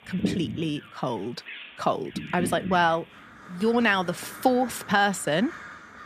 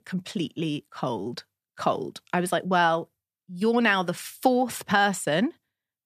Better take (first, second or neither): second